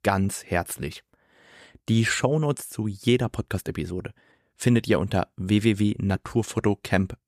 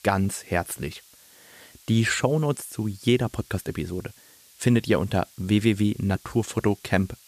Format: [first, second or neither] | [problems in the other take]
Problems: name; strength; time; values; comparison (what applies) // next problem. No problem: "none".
first | hiss; faint; throughout; 25 dB below the speech